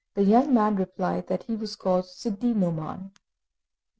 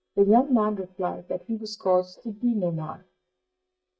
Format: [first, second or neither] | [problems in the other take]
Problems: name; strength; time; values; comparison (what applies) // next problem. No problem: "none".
first | noise reduction (neural mask model DeepFilterNet 3)